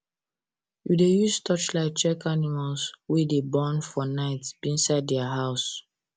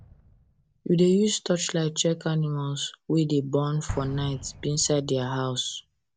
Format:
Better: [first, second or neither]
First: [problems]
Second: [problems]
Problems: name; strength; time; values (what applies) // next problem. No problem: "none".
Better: first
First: none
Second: background sound (Explosion); 18 dB below the speech